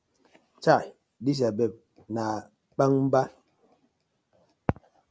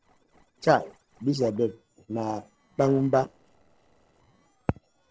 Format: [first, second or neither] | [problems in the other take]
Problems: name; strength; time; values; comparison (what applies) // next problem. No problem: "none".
first | noise reduction (neural separator model SepFormer DNS4)